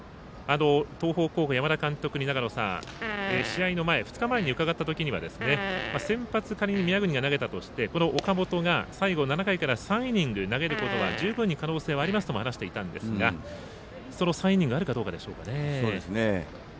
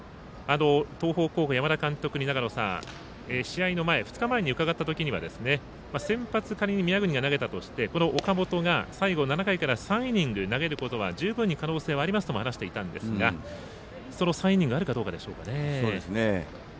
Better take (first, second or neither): second